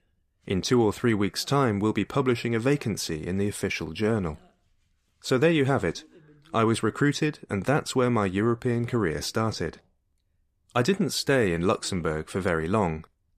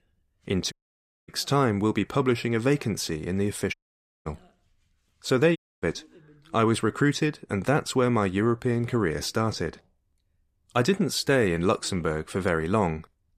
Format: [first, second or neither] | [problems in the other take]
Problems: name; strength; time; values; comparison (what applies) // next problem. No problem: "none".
first | audio cutting out; at 0.5 s for 0.5 s, at 3.5 s for 0.5 s and at 5.5 s